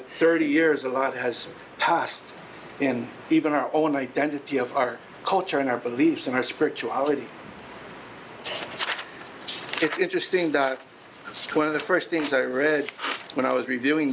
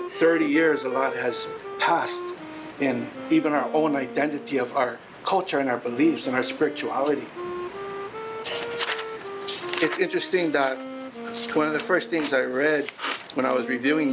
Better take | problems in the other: first | background sound (Wind instrument, woodwind instrument); 11 dB below the speech

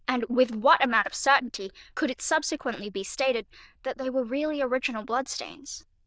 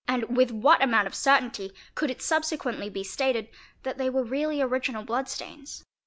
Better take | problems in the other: second | noise reduction (neural diffusion model UNIVERSE++)

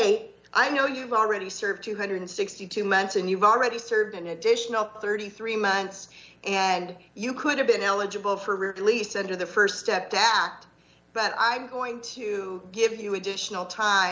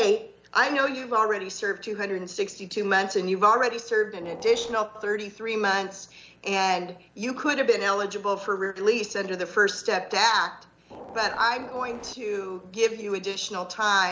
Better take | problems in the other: first | background sound (Train); 16 dB below the speech

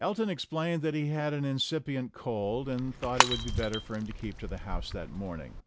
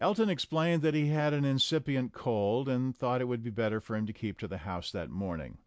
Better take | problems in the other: second | background sound (Shatter / Crushing); 1 dB below the speech

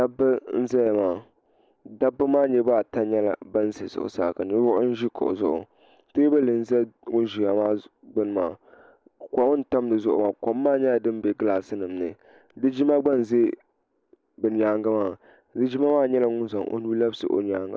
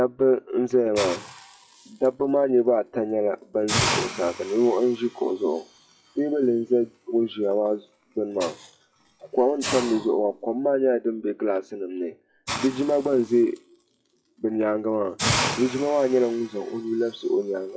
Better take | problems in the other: first | noise reduction (classical method WPE with log-MMSE)

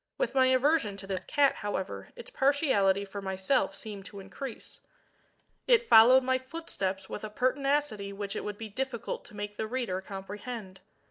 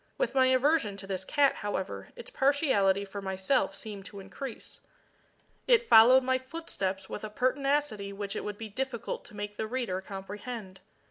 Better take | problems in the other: second | noise reduction (neural mask model DeepFilterNet 3)

